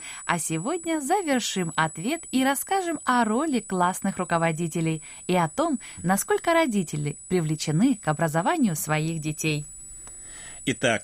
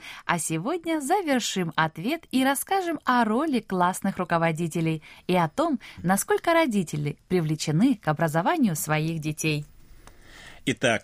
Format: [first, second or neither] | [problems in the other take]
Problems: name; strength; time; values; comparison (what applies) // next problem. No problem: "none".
second | high-pitched whine; noticeable; throughout; 8 kHz, 15 dB below the speech